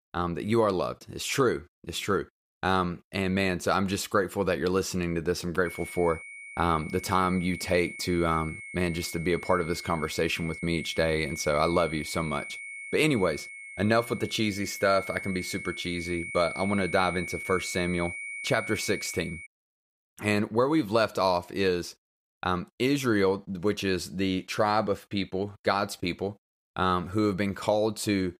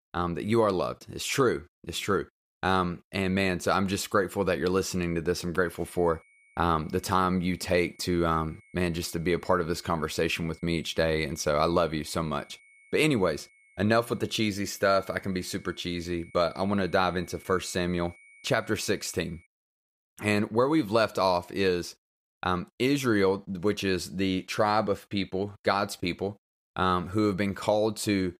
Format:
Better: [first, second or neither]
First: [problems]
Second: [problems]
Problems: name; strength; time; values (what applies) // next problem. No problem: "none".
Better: second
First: high-pitched whine; loud; from 5.5 to 19 s; 2 kHz, 10 dB below the speech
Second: high-pitched whine; faint; from 5.5 to 19 s; 2 kHz, 25 dB below the speech